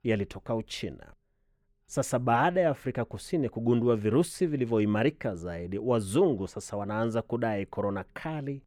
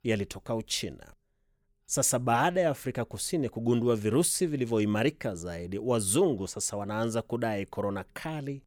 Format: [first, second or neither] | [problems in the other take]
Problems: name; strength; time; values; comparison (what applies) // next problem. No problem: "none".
second | muffled; slightly; fading above 3.5 kHz